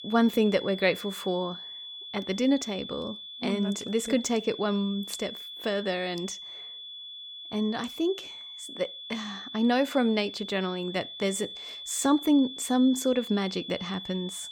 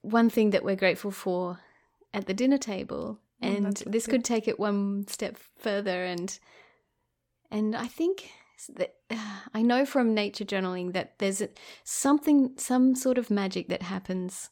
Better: second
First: high-pitched whine; noticeable; throughout; 3.5 kHz, 10 dB below the speech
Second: none

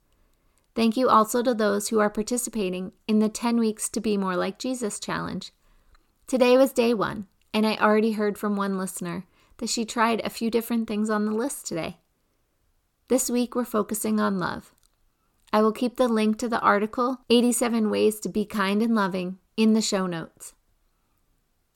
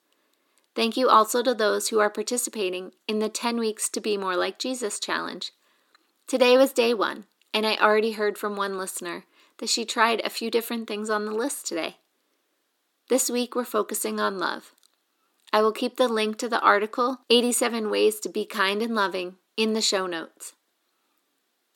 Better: first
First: none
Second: thin; very slightly; fading below 300 Hz

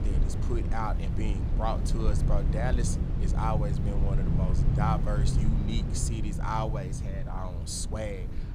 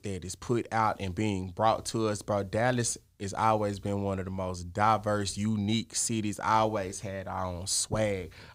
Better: second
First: low rumble; loud; throughout; 6 dB below the speech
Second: none

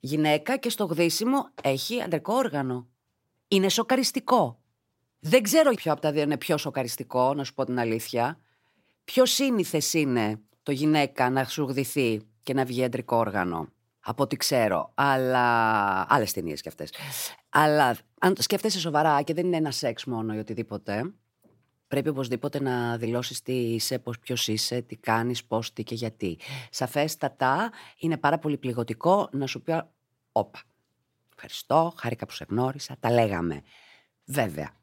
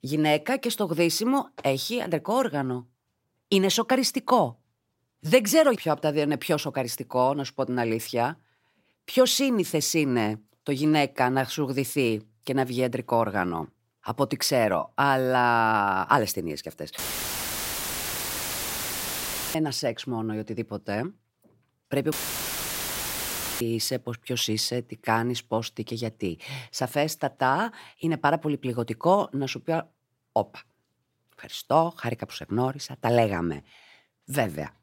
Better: first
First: none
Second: audio cutting out; filled with static; at 17 s for 2.5 s and at 22 s for 1.5 s

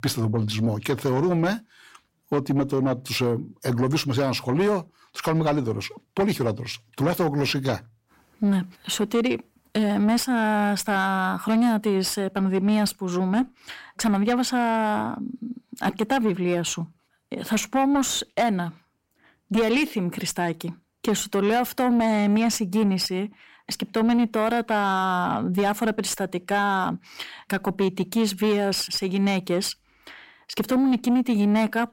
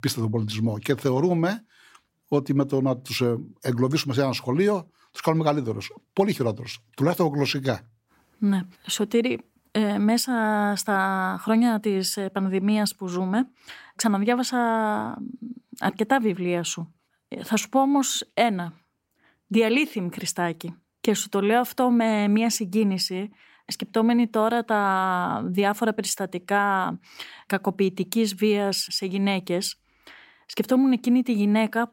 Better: second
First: distortion; slight; 10 dB below the speech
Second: none

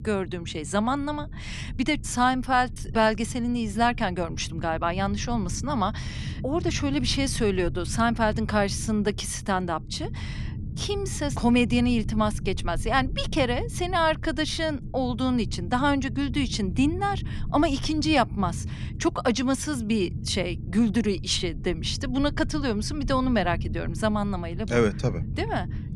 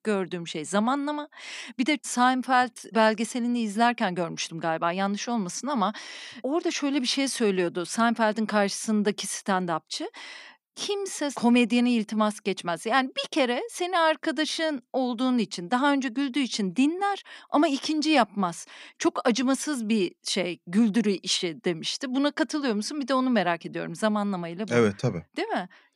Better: second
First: low rumble; noticeable; throughout; 20 dB below the speech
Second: none

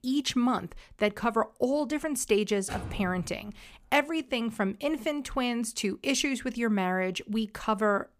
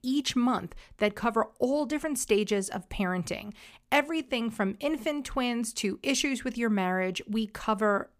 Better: second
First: door banging; faint; at 2.5 s; peak 10 dB below the speech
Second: none

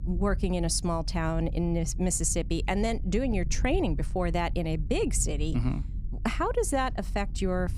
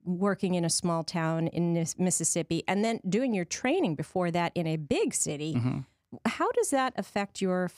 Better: second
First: low rumble; faint; throughout; 20 dB below the speech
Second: none

